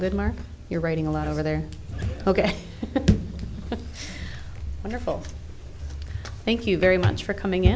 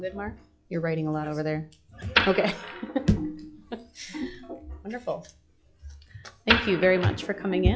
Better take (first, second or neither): first